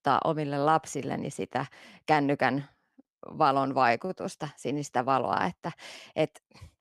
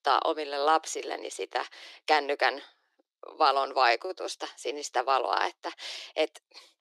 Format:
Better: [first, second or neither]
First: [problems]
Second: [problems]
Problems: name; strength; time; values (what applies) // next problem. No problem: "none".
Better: first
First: none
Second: thin; very; fading below 350 Hz